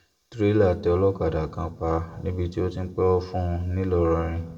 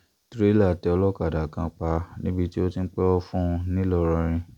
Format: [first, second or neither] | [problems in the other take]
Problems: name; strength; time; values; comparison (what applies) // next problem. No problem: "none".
second | room echo; dies away in 1.1 s